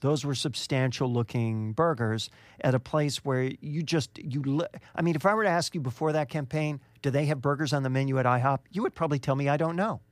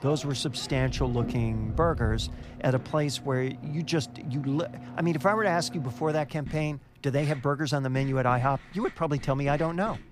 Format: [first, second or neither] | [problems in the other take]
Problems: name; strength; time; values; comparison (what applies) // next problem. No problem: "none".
first | household noises; noticeable; throughout; 10 dB below the speech